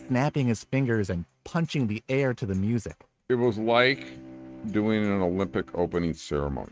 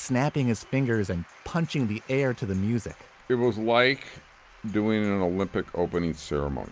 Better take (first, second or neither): second